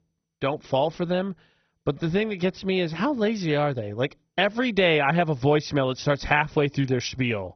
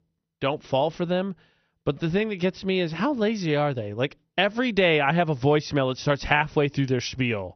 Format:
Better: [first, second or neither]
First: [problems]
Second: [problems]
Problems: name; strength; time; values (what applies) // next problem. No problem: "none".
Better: second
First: garbled, watery; badly; nothing above 6 kHz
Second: garbled, watery; slightly; nothing above 6 kHz